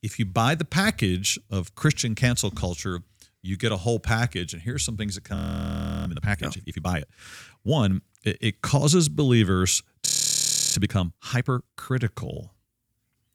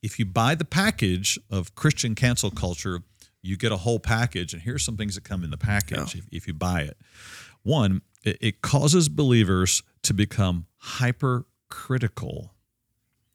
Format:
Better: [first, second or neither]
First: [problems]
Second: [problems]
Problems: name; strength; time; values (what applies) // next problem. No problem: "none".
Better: second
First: audio freezing; at 5.5 s for 0.5 s and at 10 s for 0.5 s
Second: none